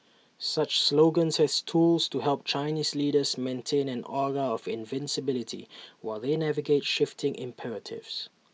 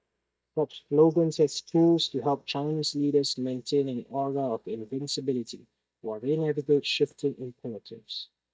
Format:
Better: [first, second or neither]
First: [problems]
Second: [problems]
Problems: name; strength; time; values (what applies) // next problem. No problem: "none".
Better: first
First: none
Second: noise reduction (neural mask model DeepFilterNet 3)